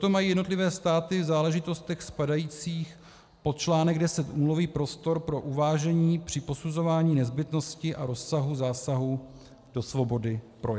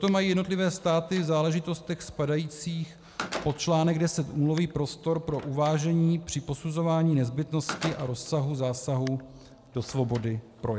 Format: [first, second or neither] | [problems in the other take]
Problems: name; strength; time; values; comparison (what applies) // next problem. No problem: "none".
first | background sound (Slam); 17 dB below the speech